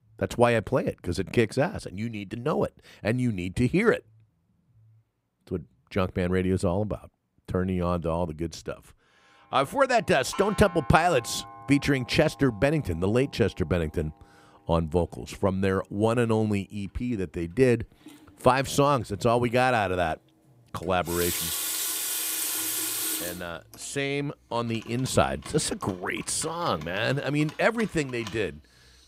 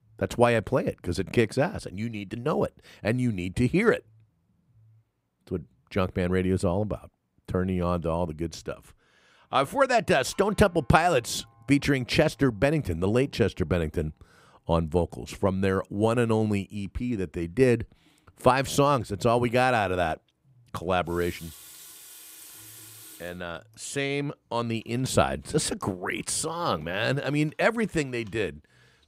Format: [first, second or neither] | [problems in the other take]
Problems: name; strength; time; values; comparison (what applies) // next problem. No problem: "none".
second | household noises; loud; from 10 s on; 5 dB below the speech; faint in the second